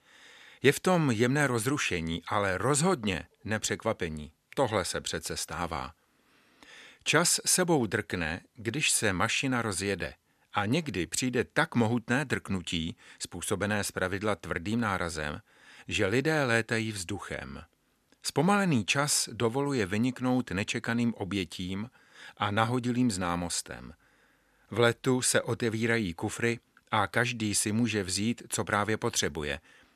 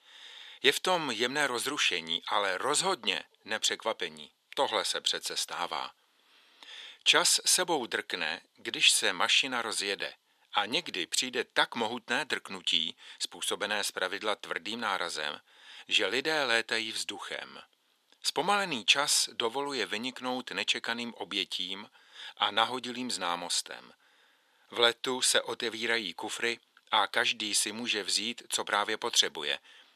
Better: first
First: none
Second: thin; somewhat; fading below 400 Hz

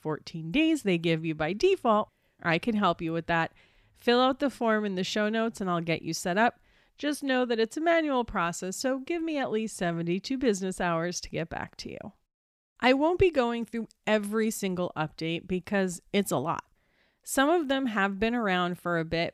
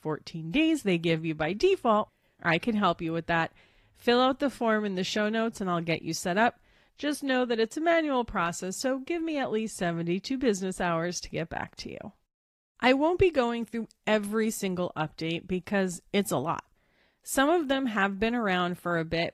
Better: first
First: none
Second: garbled, watery; slightly; nothing above 15.5 kHz

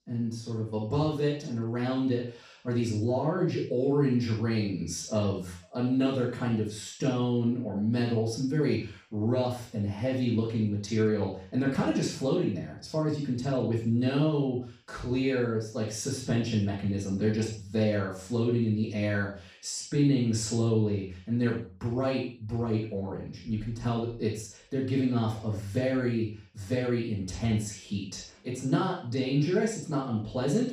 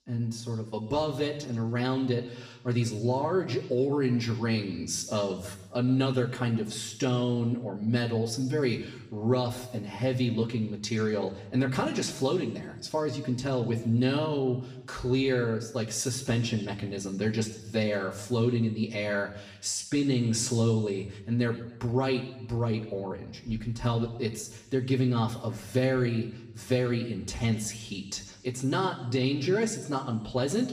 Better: second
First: room echo; strong; dies away in 0.4 s // off-mic speech; far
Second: room echo; slight; dies away in 0.9 s // off-mic speech; far

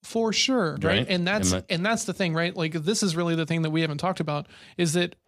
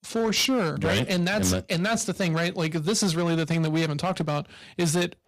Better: first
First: none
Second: distortion; slight; 11% of the sound clipped

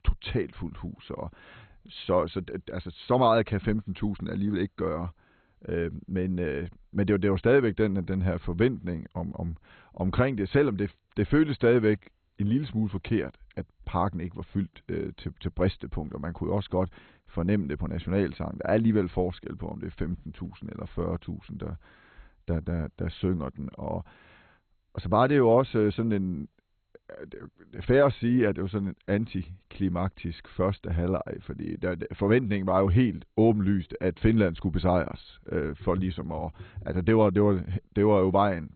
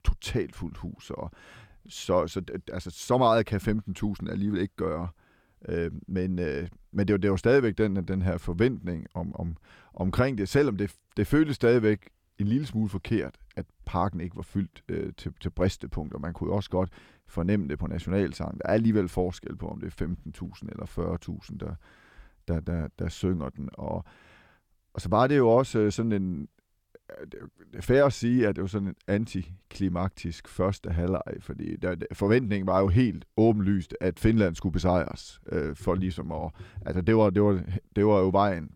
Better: second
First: garbled, watery; badly; nothing above 4 kHz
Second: none

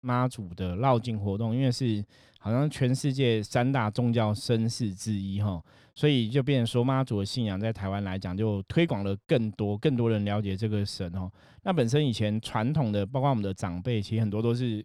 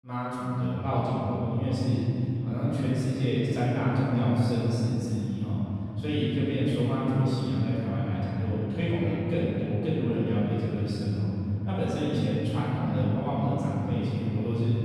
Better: first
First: none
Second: room echo; strong; dies away in 3 s // off-mic speech; far

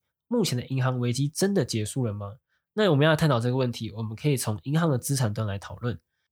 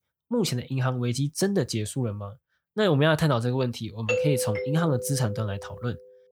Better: first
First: none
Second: doorbell; loud; from 4 to 5.5 s; peak level with the speech

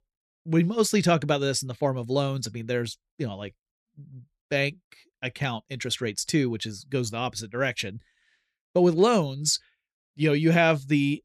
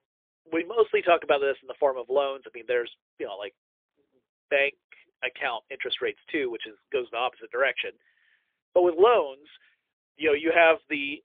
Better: first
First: none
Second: phone-call audio; poor line

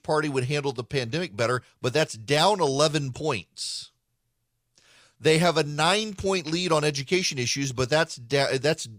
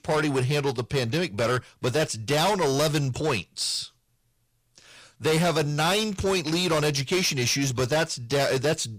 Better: first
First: none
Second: distortion; heavy; 7 dB below the speech

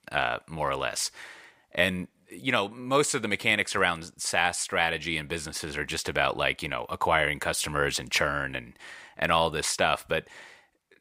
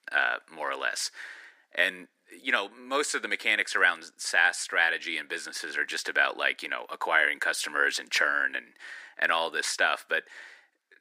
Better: first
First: none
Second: thin; somewhat; fading below 250 Hz

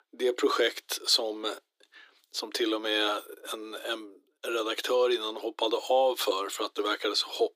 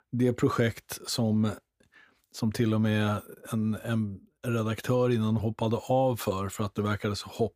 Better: second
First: thin; very; fading below 300 Hz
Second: none

